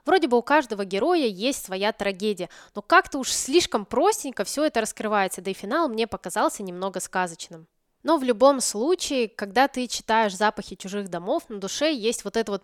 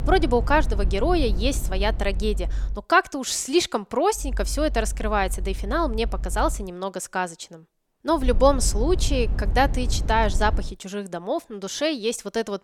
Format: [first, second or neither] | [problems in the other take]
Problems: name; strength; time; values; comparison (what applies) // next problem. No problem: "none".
first | low rumble; faint; until 2.5 s, from 4 to 6.5 s and from 8 to 11 s; 20 dB below the speech